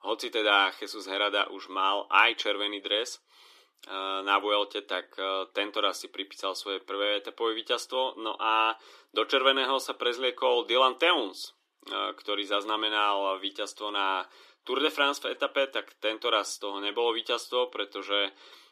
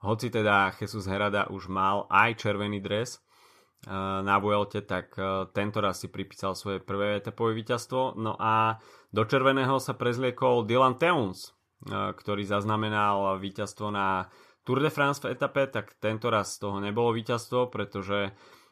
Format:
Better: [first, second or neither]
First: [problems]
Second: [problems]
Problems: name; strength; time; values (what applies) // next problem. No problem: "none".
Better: second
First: thin; somewhat; fading below 300 Hz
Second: none